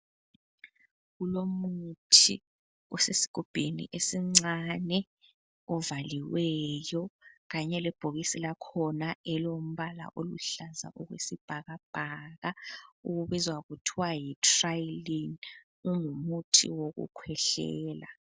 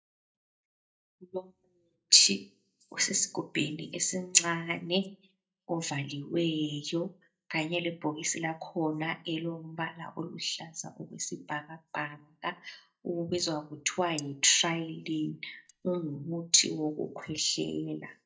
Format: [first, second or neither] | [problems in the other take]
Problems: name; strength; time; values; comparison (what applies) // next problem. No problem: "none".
first | noise reduction (neural mask model DeepFilterNet 3)